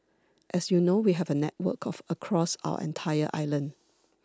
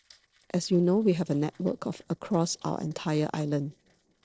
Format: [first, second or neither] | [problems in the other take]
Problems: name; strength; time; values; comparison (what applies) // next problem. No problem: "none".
first | noise reduction (neural separator model SepFormer DNS4)